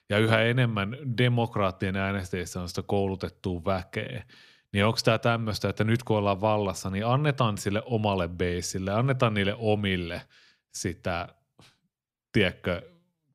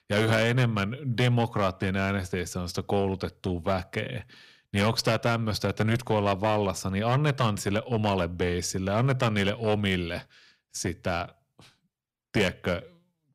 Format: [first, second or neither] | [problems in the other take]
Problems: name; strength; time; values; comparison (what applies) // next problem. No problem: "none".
first | distortion; slight; 4% of the sound clipped